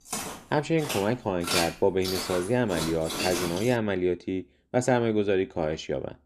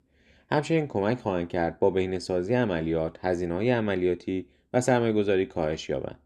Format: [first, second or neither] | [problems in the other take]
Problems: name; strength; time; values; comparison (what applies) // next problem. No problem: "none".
second | footsteps; loud; until 3.5 s; peak level with the speech